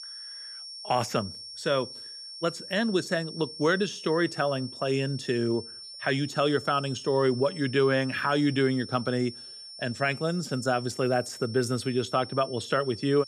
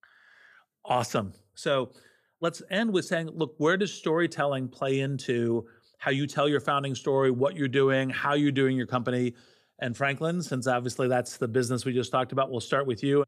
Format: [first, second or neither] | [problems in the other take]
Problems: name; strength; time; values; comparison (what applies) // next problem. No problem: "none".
second | high-pitched whine; noticeable; throughout; 5.5 kHz, 10 dB below the speech